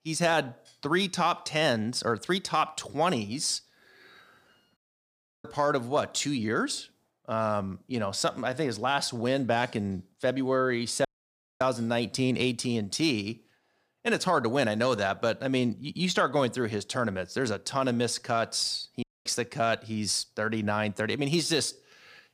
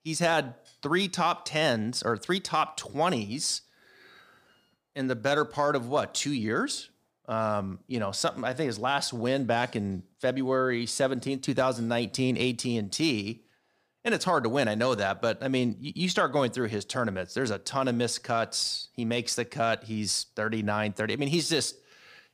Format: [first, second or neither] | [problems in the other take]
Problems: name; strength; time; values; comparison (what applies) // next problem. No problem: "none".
second | audio cutting out; at 5 s for 0.5 s, at 11 s for 0.5 s and at 19 s